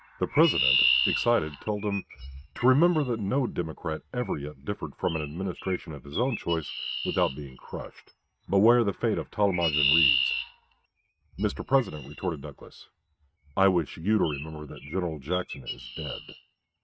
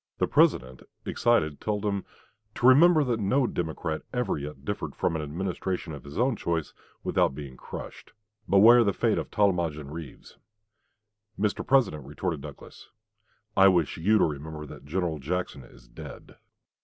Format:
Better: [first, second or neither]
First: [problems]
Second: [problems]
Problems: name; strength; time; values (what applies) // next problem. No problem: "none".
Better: second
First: noise reduction (neural mask model RNNoise)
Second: none